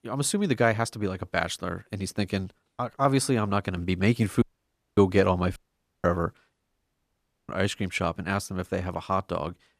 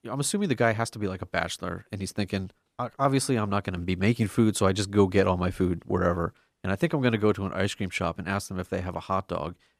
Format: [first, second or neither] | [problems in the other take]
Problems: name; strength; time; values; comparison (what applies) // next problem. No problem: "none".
second | audio cutting out; at 4.5 s for 0.5 s, at 5.5 s and at 6.5 s for 1 s